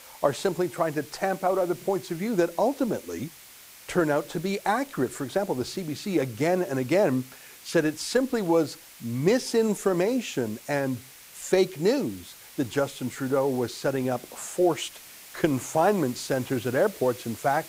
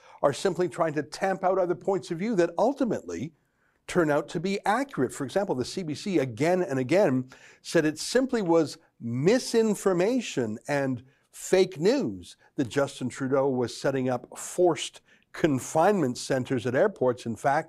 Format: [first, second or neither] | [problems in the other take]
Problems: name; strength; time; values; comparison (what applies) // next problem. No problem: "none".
second | hiss; noticeable; throughout; 20 dB below the speech